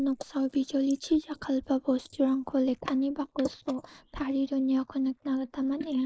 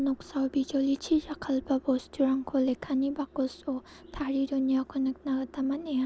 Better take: second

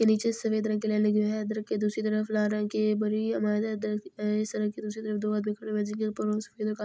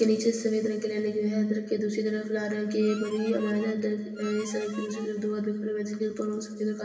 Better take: first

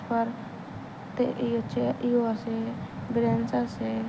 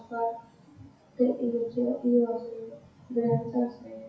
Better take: first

